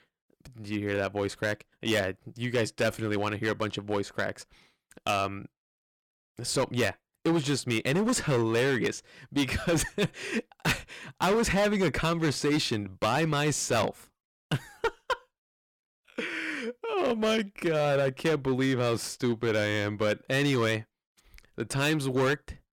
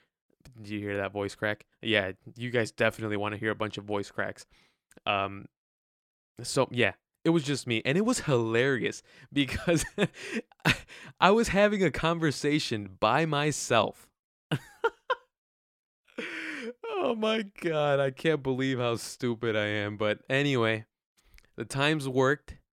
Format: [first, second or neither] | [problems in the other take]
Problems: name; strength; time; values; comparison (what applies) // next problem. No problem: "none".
second | distortion; heavy; 9% of the sound clipped